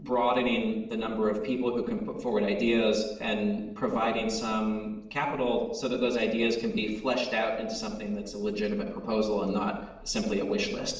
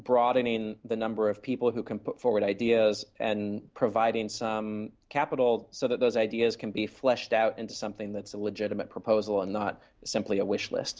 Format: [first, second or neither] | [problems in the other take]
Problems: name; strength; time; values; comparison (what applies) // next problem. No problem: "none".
second | room echo; dies away in 0.8 s